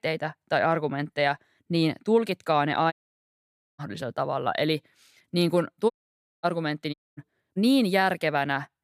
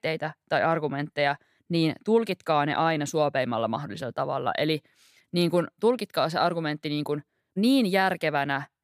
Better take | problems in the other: second | audio cutting out; at 3 s for 1 s, at 6 s for 0.5 s and at 7 s

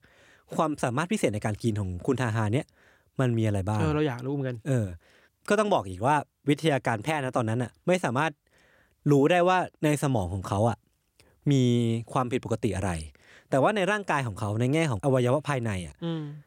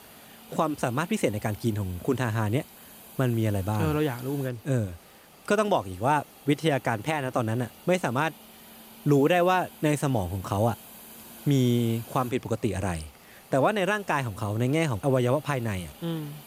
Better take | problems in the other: first | hiss; faint; throughout; 20 dB below the speech

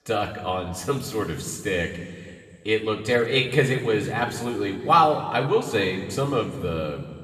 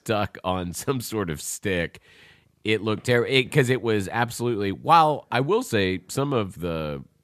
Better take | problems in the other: second | room echo; noticeable; dies away in 1.7 s // off-mic speech; somewhat distant

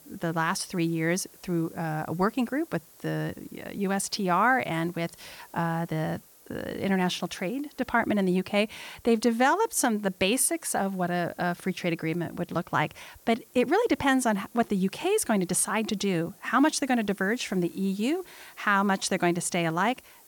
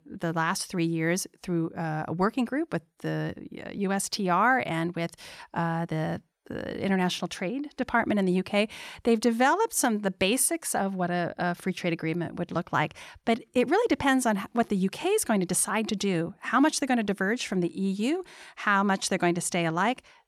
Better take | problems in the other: second | hiss; faint; throughout; 25 dB below the speech

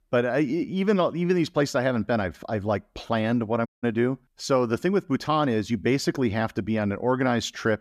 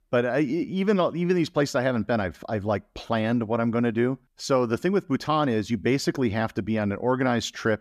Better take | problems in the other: second | audio cutting out; at 3.5 s

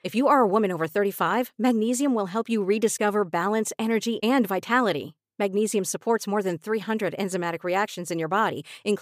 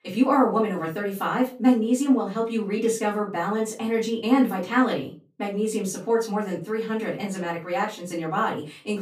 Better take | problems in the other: first | off-mic speech; far // room echo; slight; dies away in 0.2 s

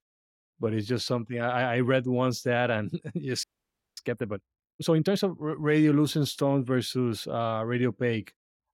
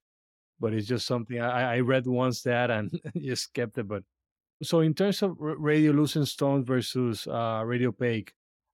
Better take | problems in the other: second | audio freezing; at 3.5 s for 0.5 s

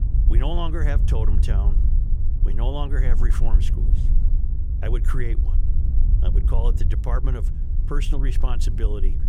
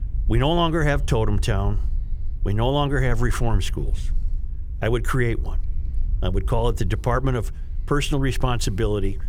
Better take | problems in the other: second | low rumble; loud; throughout; 8 dB below the speech; faint in the second

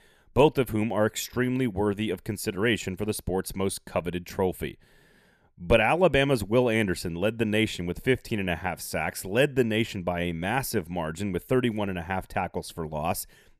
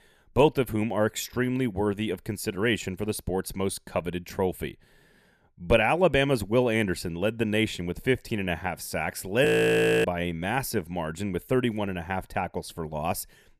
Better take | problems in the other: first | audio freezing; at 9.5 s for 0.5 s

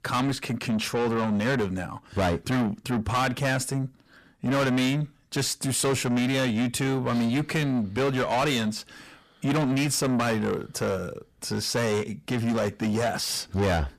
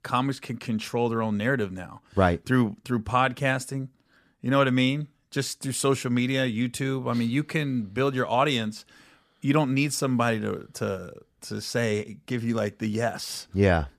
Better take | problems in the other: second | distortion; heavy; 6 dB below the speech

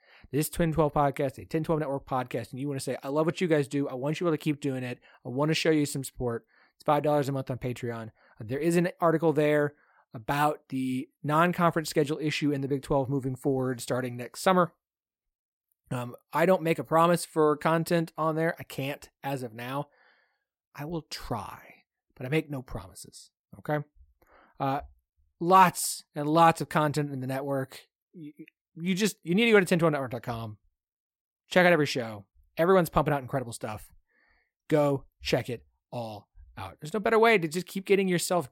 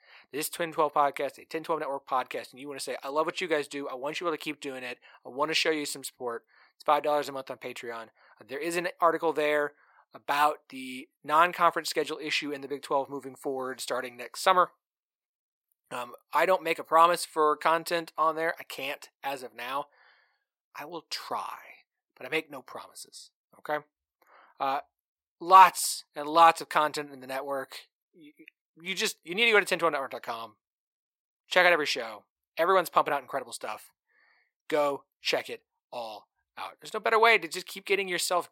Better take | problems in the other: first | thin; very; fading below 450 Hz

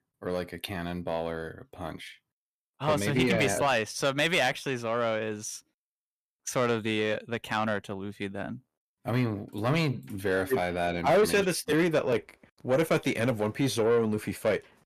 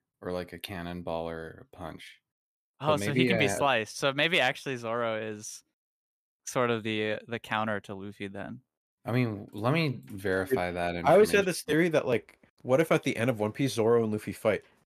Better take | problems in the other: second | distortion; slight; 10 dB below the speech

